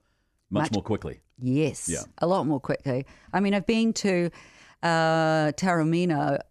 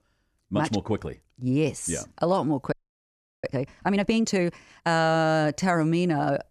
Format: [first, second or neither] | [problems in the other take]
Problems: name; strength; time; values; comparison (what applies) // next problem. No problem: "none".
first | audio freezing; at 2.5 s for 0.5 s